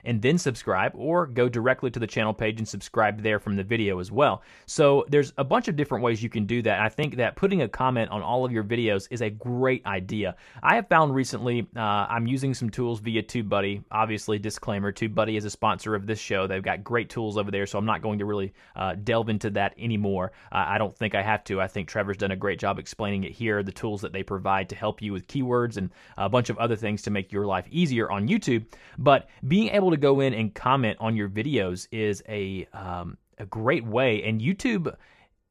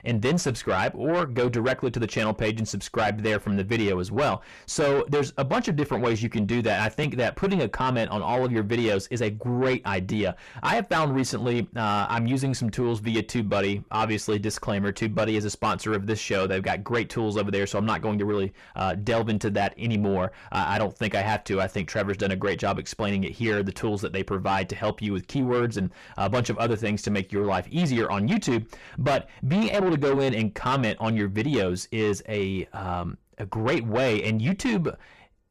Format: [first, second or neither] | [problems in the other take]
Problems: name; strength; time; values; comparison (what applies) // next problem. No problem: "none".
first | distortion; heavy; 7 dB below the speech